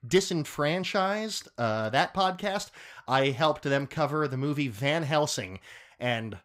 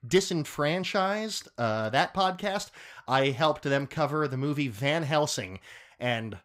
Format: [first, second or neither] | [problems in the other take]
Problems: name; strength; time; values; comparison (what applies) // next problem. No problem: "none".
neither | none